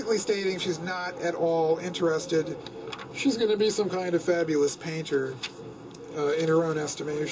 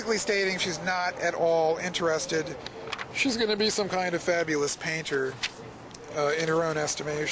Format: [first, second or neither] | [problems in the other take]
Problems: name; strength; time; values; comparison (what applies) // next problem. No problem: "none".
second | room echo; dies away in 0.2 s